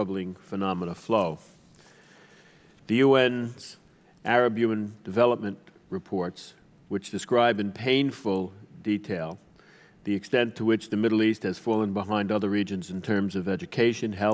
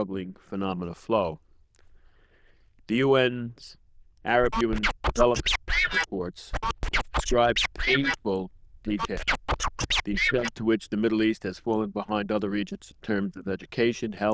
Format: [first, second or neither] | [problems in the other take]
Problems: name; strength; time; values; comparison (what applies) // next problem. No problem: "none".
first | noise reduction (neural diffusion model UNIVERSE++)